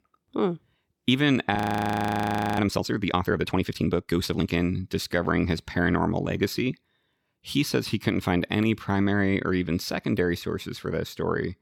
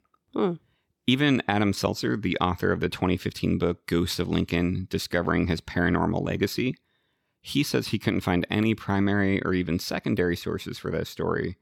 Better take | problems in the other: second | audio freezing; at 1.5 s for 1 s

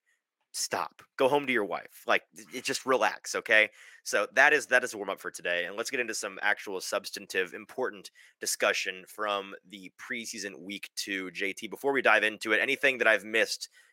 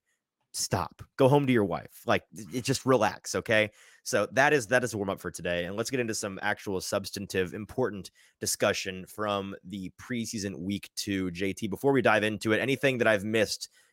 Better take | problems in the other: second | thin; somewhat; fading below 350 Hz

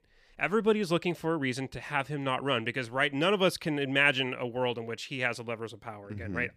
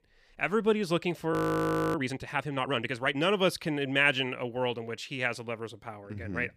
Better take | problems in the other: first | audio freezing; at 1.5 s for 0.5 s

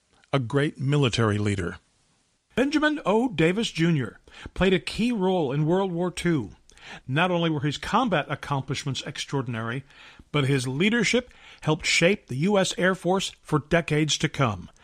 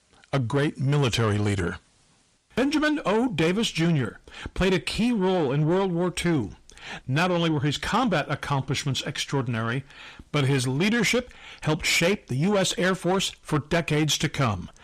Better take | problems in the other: first | distortion; slight; 10 dB below the speech

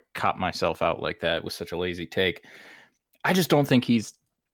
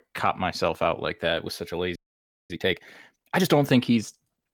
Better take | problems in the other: first | audio freezing; at 2 s for 0.5 s

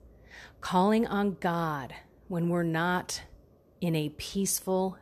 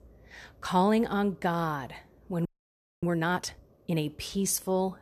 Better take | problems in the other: first | audio freezing; at 2.5 s for 0.5 s

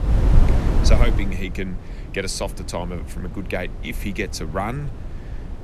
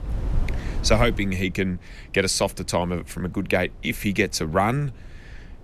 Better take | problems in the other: second | wind noise on the microphone; heavy; 7 dB below the speech; occasional gusts in the second

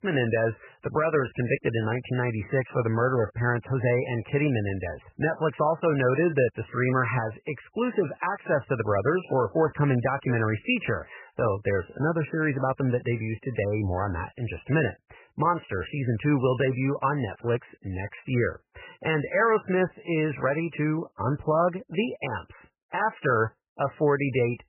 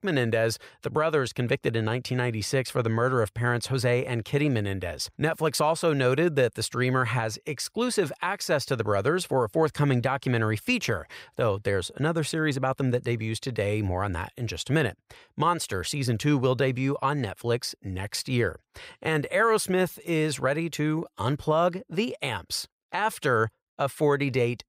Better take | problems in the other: second | garbled, watery; badly; nothing above 3 kHz

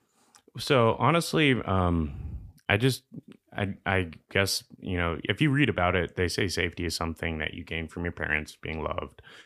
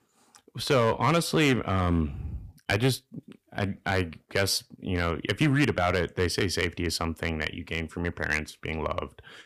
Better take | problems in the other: first | distortion; slight; 3% of the sound clipped

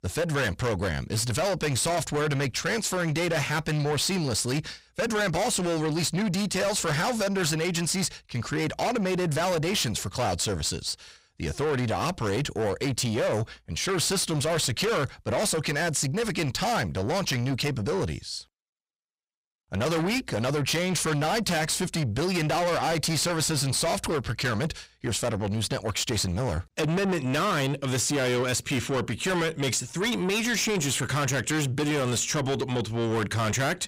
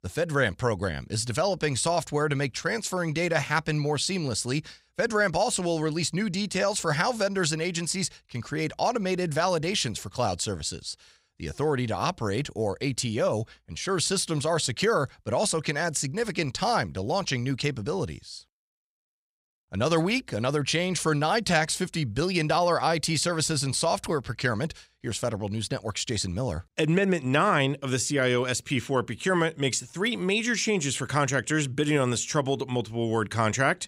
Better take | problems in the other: second | distortion; heavy; 6 dB below the speech

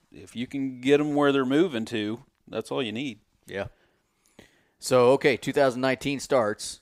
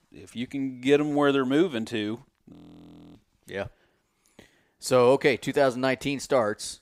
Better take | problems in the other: first | audio freezing; at 2.5 s for 0.5 s

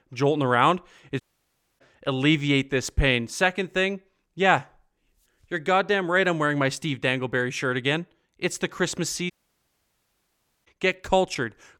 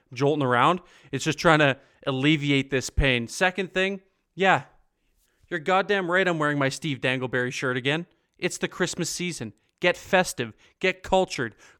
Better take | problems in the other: second | audio cutting out; at 1 s for 0.5 s and at 9.5 s for 1.5 s

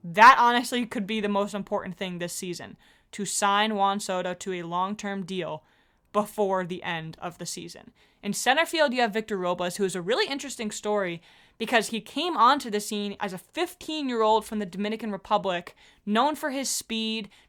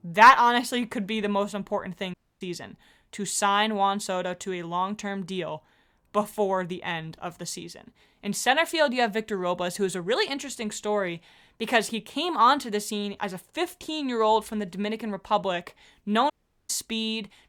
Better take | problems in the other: first | audio cutting out; at 2 s and at 16 s

